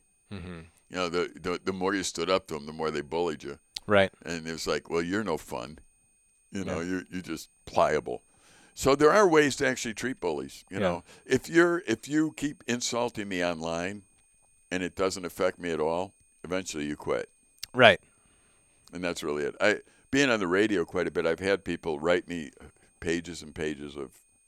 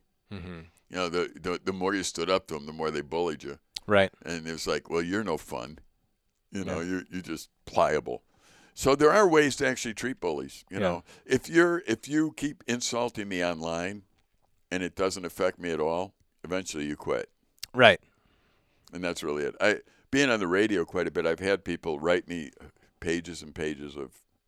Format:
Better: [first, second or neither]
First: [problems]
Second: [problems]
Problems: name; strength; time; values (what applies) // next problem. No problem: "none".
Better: second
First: high-pitched whine; faint; throughout; 8.5 kHz, 35 dB below the speech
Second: none